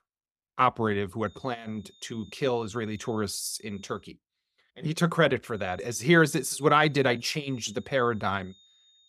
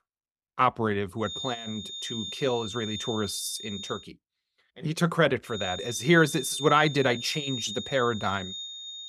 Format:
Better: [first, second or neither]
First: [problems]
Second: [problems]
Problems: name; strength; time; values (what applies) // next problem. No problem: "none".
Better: first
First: high-pitched whine; faint; from 1.5 to 4 s and from 5.5 s on; 3.5 kHz, 30 dB below the speech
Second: high-pitched whine; loud; from 1.5 to 4 s and from 5.5 s on; 3.5 kHz, 9 dB below the speech